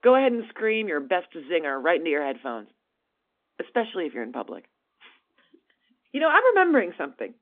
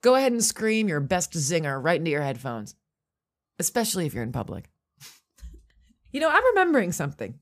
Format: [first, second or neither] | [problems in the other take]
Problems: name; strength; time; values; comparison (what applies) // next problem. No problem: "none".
second | phone-call audio